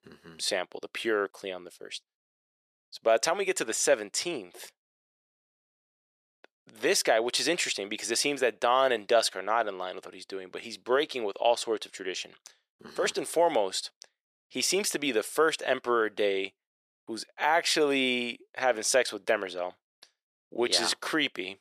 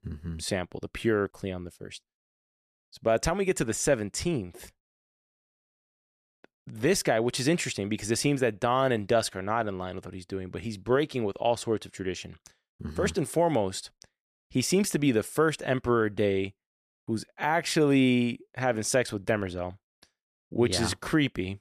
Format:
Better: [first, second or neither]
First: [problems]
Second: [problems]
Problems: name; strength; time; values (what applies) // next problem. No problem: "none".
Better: second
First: thin; somewhat; fading below 500 Hz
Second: none